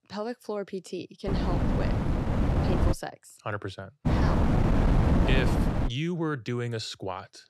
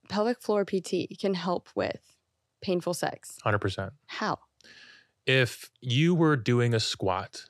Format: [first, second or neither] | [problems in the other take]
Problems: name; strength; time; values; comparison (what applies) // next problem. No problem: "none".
second | wind noise on the microphone; heavy; from 1.5 to 3 s and from 4 to 6 s; 3 dB above the speech